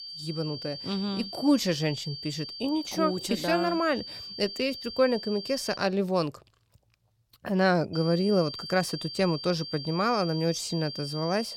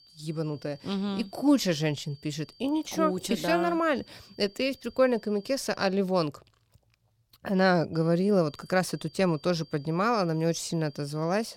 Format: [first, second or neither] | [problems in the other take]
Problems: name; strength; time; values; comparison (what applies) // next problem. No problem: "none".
second | high-pitched whine; loud; until 6 s and from 8 s on; 4.5 kHz, 9 dB below the speech; faint in the second